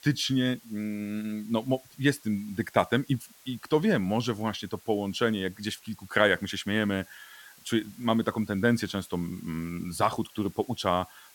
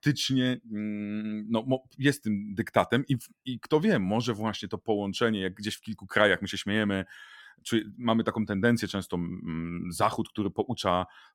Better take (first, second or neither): second